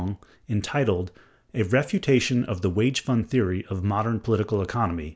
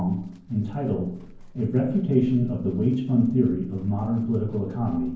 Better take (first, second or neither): first